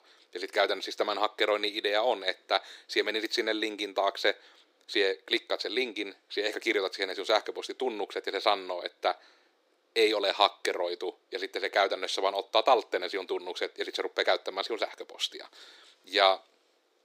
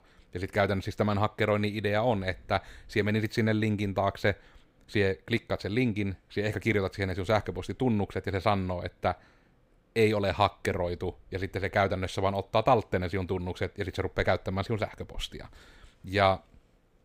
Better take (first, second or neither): second